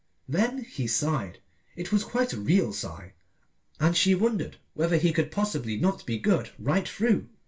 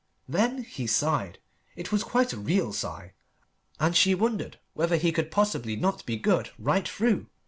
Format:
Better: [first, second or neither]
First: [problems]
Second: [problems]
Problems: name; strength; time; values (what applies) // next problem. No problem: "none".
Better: second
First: room echo; dies away in 0.1 s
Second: none